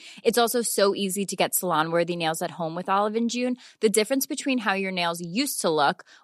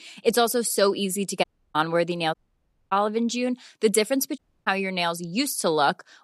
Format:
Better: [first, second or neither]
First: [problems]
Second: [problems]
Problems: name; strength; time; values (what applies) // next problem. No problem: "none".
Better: first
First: none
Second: audio cutting out; at 1.5 s, at 2.5 s for 0.5 s and at 4.5 s